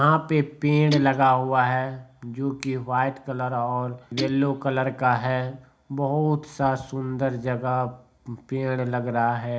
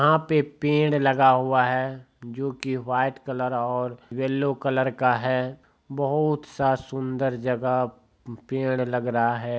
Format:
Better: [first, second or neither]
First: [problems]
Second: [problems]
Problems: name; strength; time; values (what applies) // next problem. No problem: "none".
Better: second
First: background sound (Guitar); 13 dB below the speech // room echo; dies away in 0.4 s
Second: none